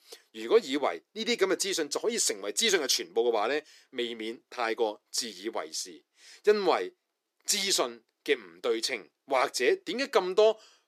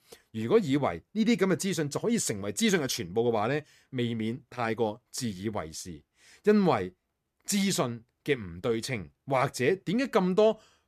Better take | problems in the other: second | thin; somewhat; fading below 350 Hz

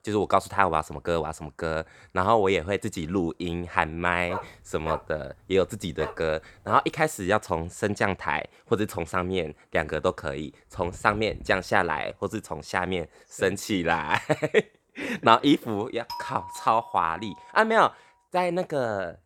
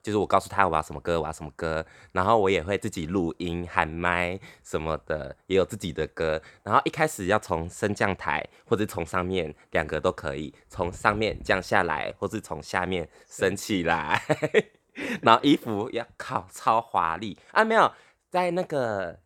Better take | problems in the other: second | dog barking; noticeable; from 4.5 to 7 s; peak 9 dB below the speech // doorbell; faint; from 16 to 18 s; peak 10 dB below the speech

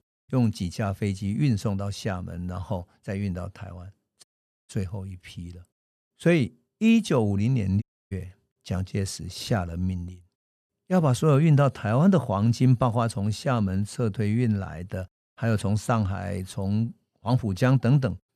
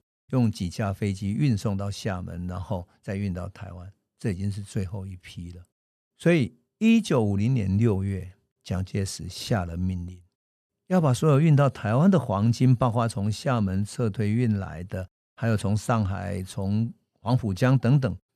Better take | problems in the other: second | audio cutting out; at 4 s and at 8 s

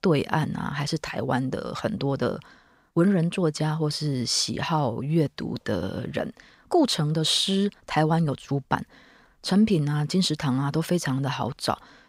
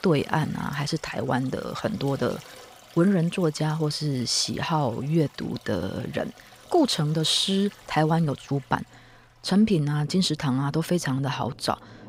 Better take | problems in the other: first | rain or running water; faint; throughout; 25 dB below the speech

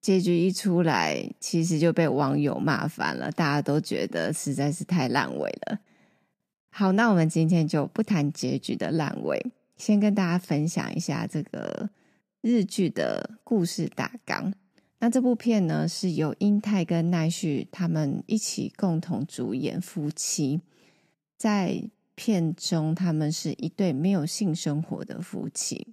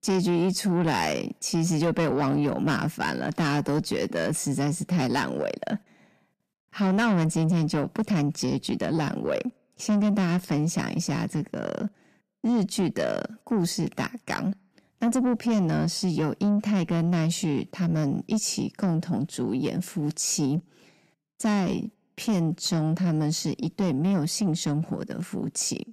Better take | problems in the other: first | distortion; slight; 10 dB below the speech

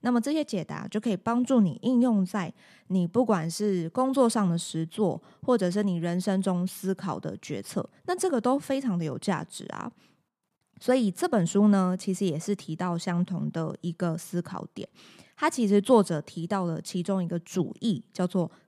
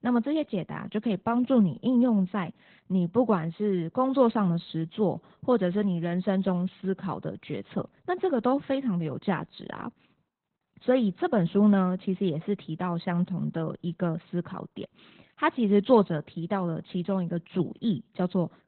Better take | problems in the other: first | garbled, watery; badly; nothing above 4 kHz

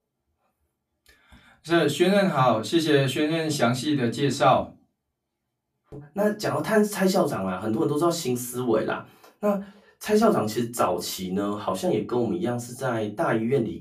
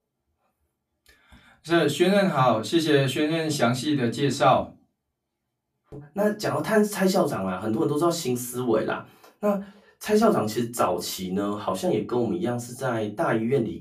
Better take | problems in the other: neither | off-mic speech; far; the same in both // room echo; very slight; dies away in 0.2 s; the same in both

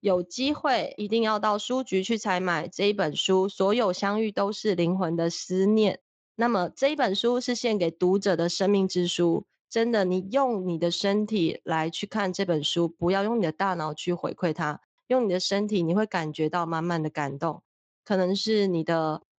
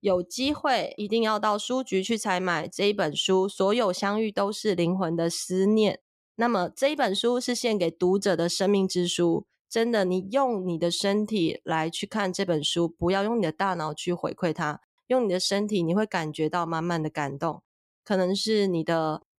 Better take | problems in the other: second | garbled, watery; slightly; nothing above 7.5 kHz

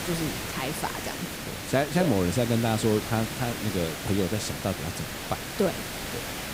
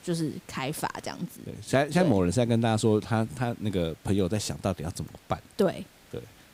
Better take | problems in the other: second | hiss; loud; throughout; 5 dB below the speech; faint in the second

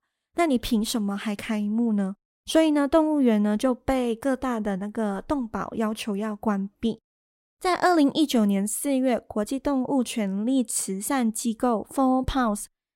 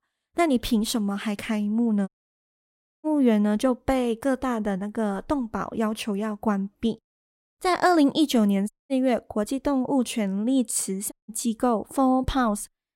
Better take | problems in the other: first | audio cutting out; at 2 s for 1 s, at 8.5 s and at 11 s

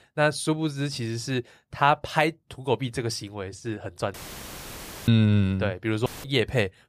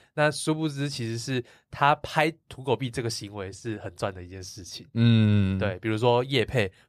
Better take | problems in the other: second | audio cutting out; filled with static; at 4 s for 1 s and at 6 s

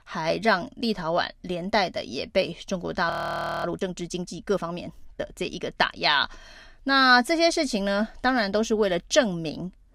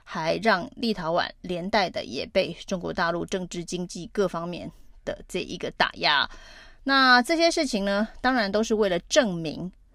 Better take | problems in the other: second | audio freezing; at 3 s for 0.5 s

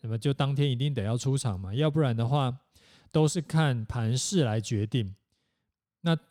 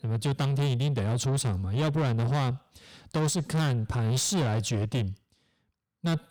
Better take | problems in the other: first | distortion; heavy; 8 dB below the speech

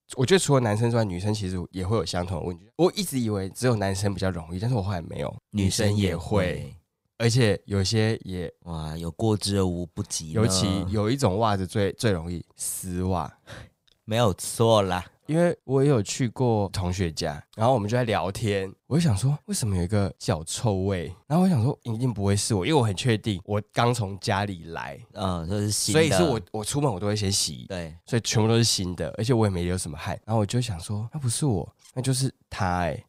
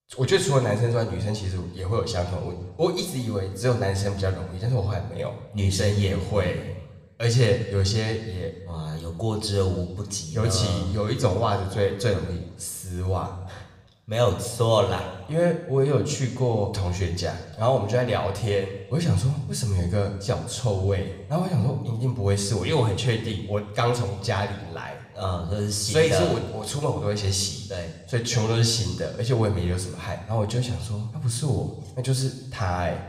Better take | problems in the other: first | room echo; slight; dies away in 1 s

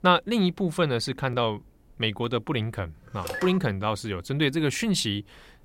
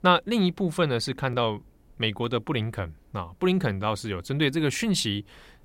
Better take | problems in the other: second | phone ringing; noticeable; at 3 s; peak 7 dB below the speech

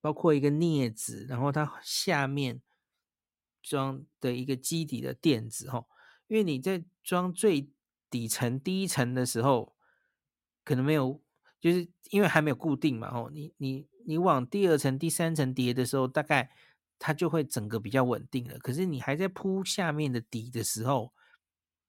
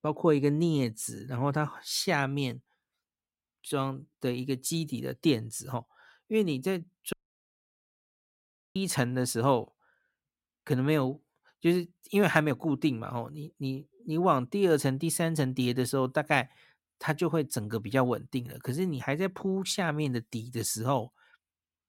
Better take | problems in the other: first | audio cutting out; at 7 s for 1.5 s

